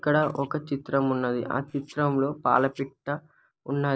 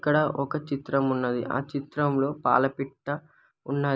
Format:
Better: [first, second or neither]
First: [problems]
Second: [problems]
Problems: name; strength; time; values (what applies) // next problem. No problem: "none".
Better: second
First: noise reduction (neural separator model SepFormer DNS4)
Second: none